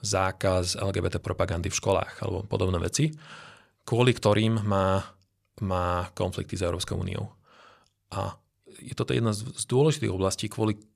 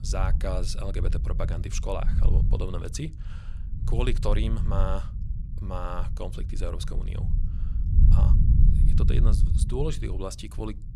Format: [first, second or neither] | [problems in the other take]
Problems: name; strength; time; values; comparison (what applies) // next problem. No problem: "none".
first | low rumble; loud; throughout; 7 dB below the speech